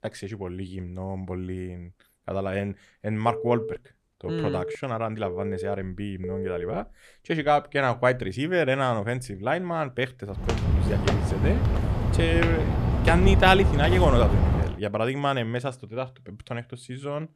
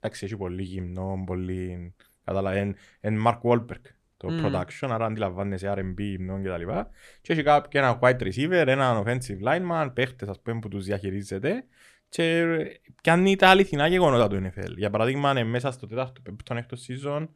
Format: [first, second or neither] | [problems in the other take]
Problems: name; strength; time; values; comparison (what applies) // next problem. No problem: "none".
second | phone ringing; noticeable; from 3.5 to 6.5 s; peak 5 dB below the speech // footsteps; loud; from 10 to 15 s; peak 6 dB above the speech